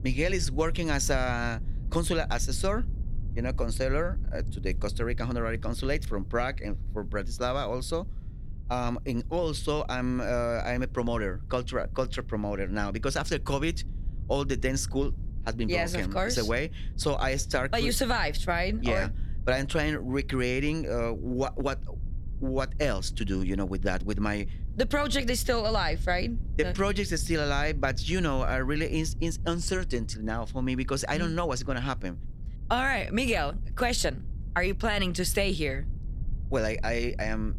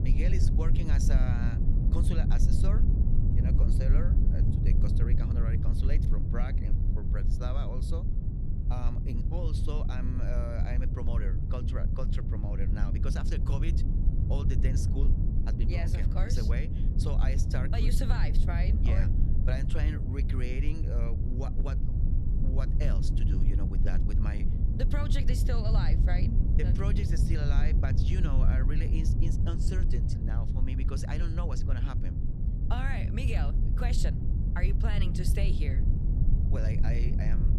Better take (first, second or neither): first